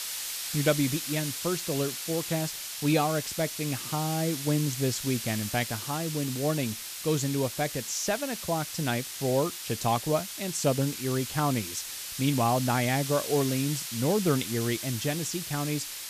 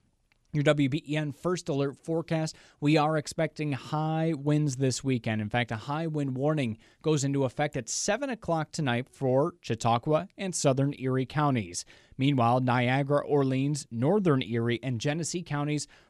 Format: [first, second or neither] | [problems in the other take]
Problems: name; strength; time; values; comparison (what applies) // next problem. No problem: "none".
second | hiss; loud; throughout; 5 dB below the speech